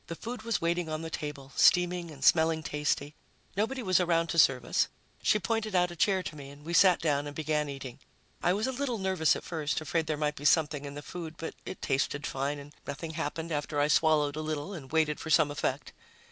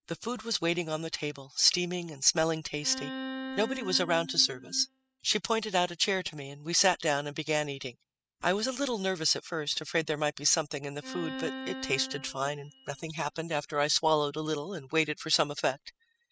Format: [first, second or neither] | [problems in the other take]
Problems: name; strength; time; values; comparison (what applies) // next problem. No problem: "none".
first | noise reduction (classical method spectral subtraction)